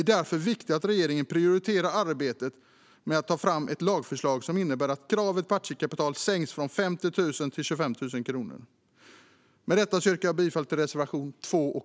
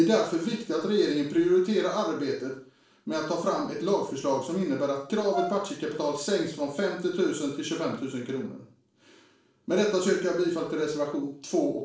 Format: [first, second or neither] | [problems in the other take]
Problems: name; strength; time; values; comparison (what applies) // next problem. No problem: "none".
first | noise reduction (neural separator model SepFormer DNS4)